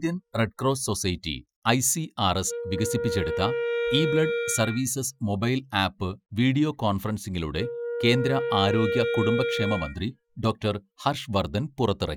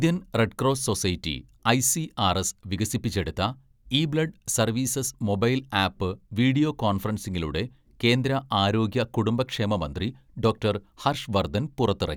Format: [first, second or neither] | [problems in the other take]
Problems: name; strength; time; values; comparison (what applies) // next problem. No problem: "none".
second | noise reduction (classical method Wiener filter)